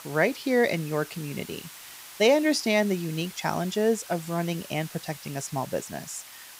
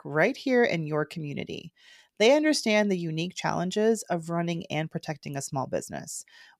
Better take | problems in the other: second | hiss; noticeable; throughout; 15 dB below the speech

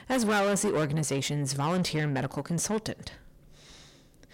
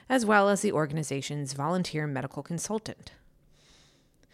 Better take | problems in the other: second | distortion; heavy; 6 dB below the speech

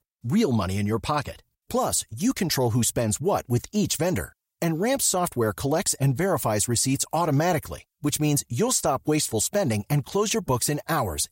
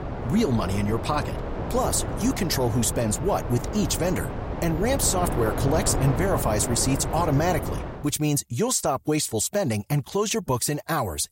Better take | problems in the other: first | wind noise on the microphone; heavy; until 8 s; 7 dB below the speech

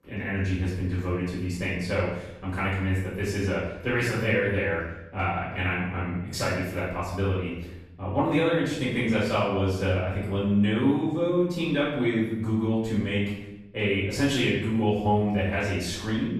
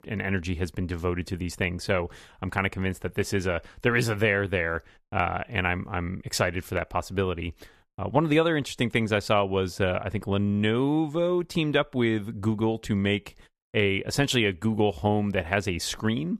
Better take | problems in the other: second | room echo; noticeable; dies away in 0.8 s // off-mic speech; far

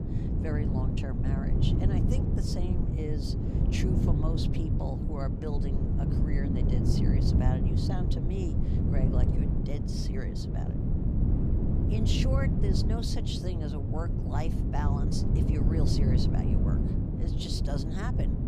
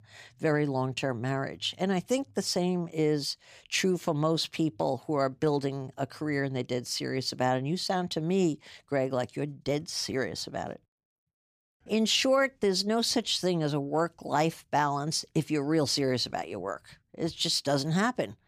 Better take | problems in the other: second | wind noise on the microphone; heavy; 1 dB above the speech

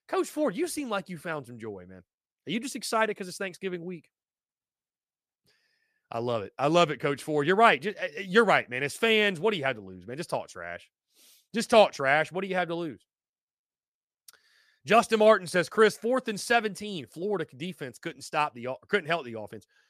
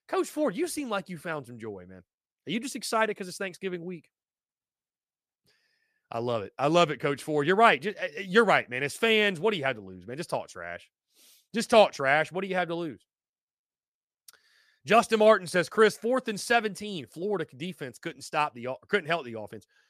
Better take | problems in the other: neither | none

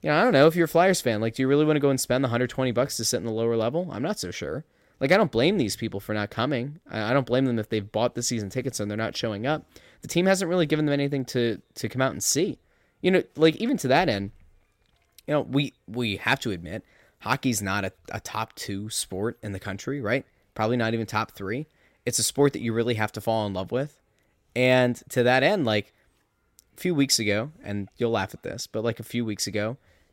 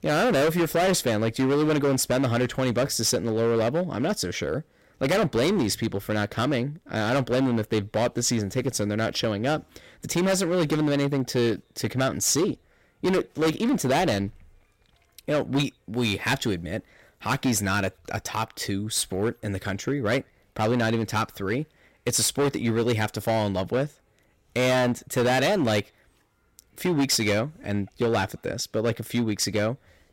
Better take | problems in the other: first | distortion; heavy; 12% of the sound clipped

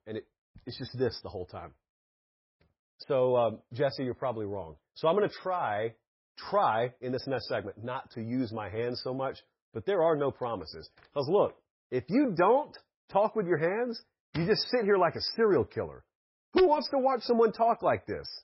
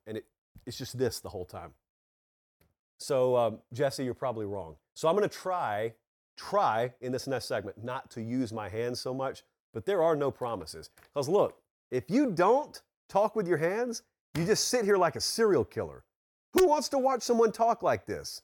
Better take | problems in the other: second | garbled, watery; badly; nothing above 5.5 kHz

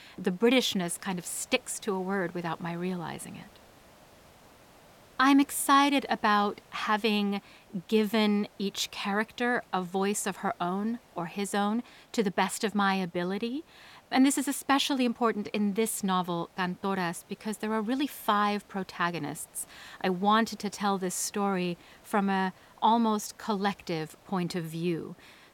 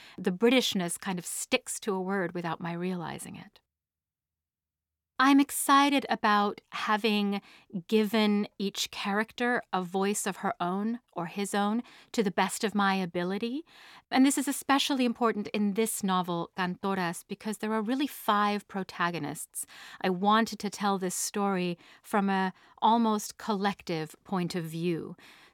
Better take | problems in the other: second | hiss; faint; throughout; 30 dB below the speech

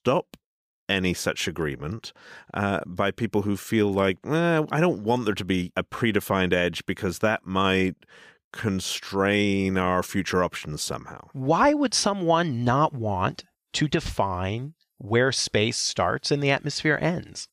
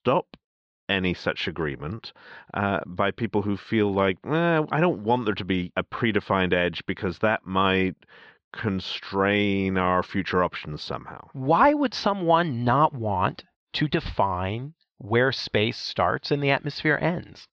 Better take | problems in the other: first | muffled; slightly; fading above 4.5 kHz

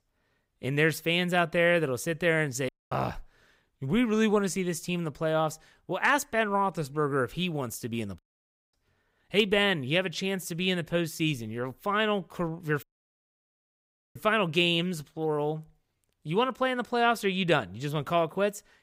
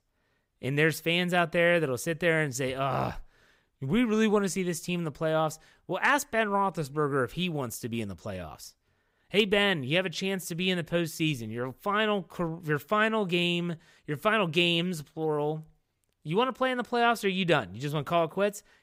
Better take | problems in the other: second | audio cutting out; at 2.5 s, at 8 s for 0.5 s and at 13 s for 1.5 s

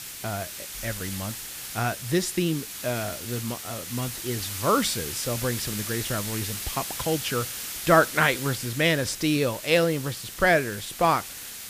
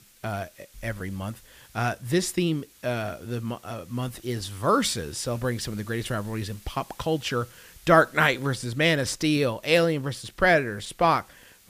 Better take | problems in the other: second | hiss; loud; throughout; 7 dB below the speech; faint in the second

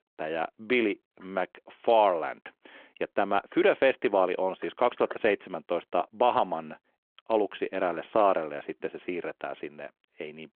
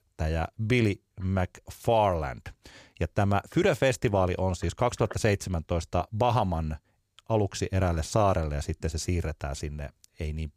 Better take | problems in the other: second | phone-call audio

